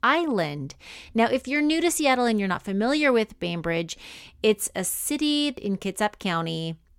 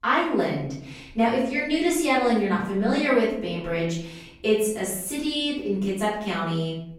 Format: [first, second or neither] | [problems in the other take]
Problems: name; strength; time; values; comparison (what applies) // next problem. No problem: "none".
first | room echo; noticeable; dies away in 0.7 s // off-mic speech; far